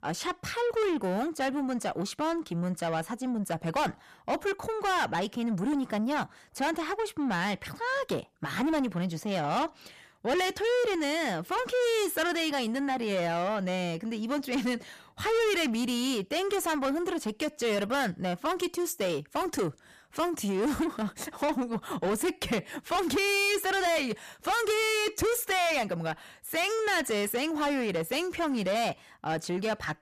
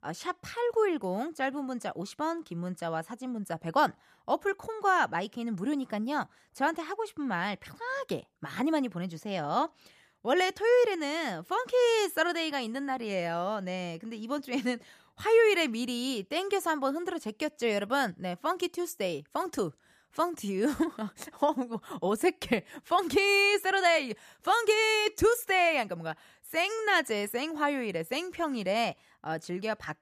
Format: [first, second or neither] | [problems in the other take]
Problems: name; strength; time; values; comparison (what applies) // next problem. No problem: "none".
second | distortion; heavy; 6 dB below the speech